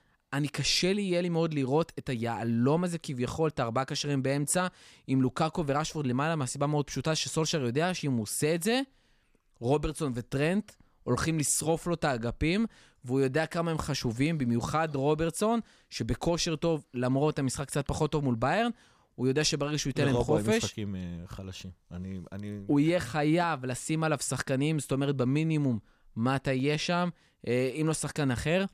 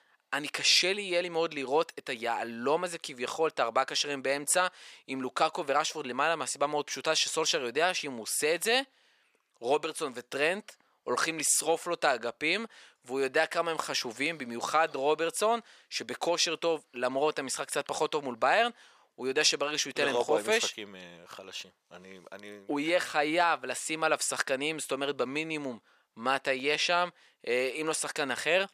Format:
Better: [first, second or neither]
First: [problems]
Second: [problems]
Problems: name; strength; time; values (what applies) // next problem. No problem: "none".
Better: first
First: none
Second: thin; very; fading below 550 Hz